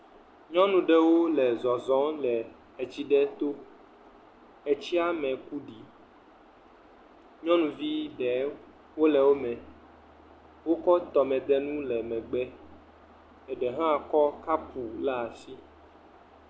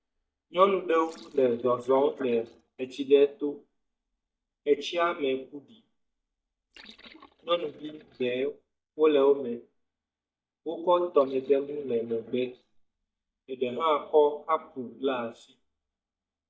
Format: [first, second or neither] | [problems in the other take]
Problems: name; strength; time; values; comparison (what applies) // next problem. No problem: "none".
first | noise reduction (neural mask model DeepFilterNet 3)